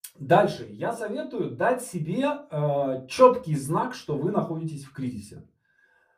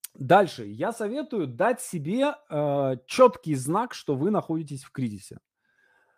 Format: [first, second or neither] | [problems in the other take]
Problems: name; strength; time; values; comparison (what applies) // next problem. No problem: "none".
second | off-mic speech; somewhat distant // room echo; very slight; dies away in 0.2 s